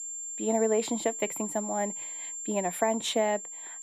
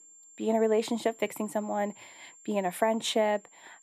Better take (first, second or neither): second